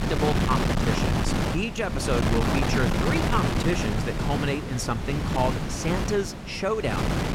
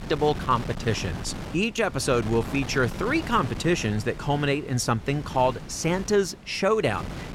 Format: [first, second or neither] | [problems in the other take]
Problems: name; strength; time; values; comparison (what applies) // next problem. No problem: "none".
second | wind noise on the microphone; heavy; as loud as the speech; occasional gusts in the second